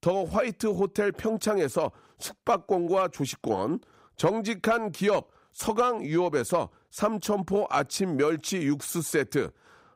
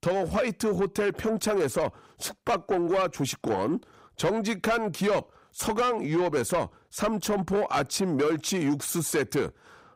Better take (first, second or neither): first